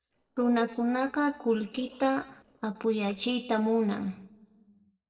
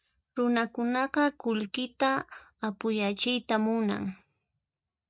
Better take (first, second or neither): second